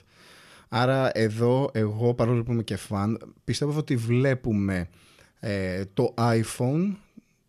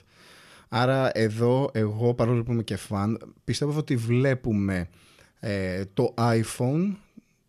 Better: neither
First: none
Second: none

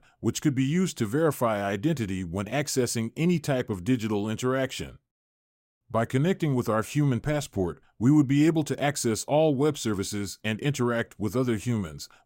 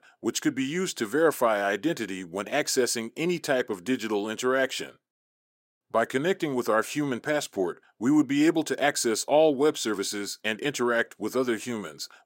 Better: first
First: none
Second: thin; somewhat; fading below 350 Hz

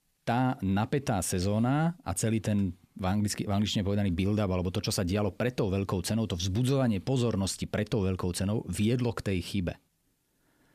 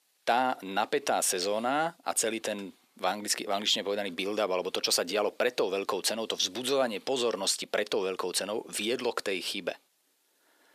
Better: first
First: none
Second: thin; very; fading below 400 Hz

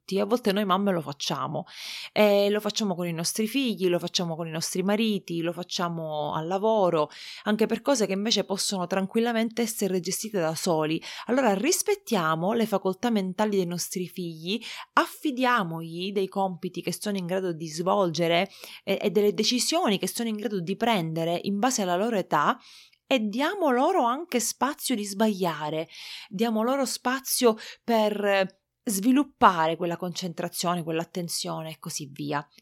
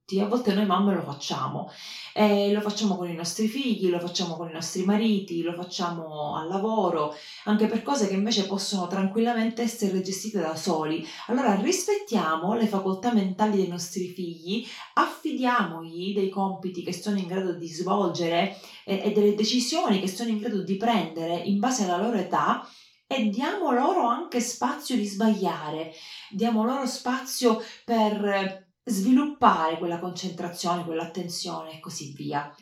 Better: first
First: none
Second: room echo; slight; dies away in 0.4 s // off-mic speech; far

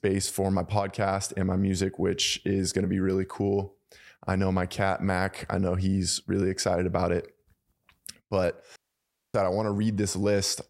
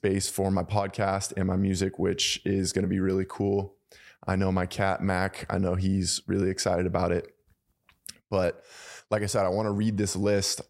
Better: second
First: audio cutting out; at 9 s for 0.5 s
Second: none

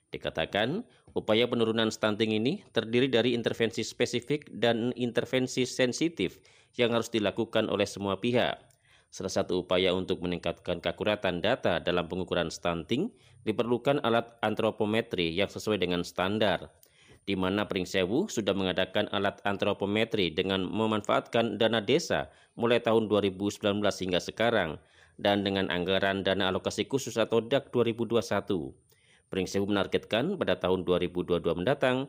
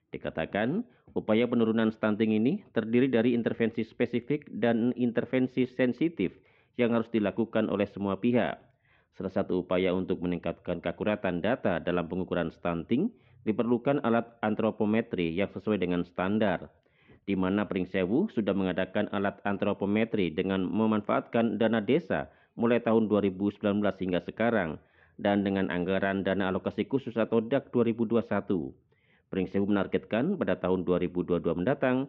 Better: first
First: none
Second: muffled; very; fading above 2.5 kHz

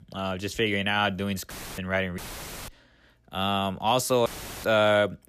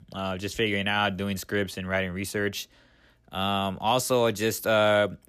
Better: second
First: audio cutting out; filled with static; at 1.5 s, at 2 s for 0.5 s and at 4.5 s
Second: none

